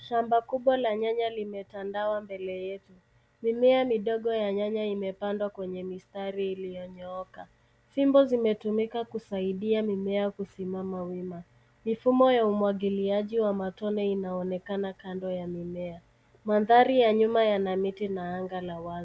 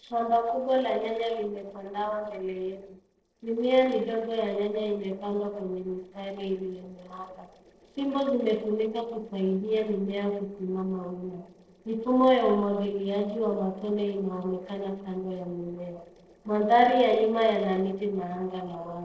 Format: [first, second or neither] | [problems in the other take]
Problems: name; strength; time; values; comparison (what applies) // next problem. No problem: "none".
first | noise reduction (neural separator model SepFormer DNS4)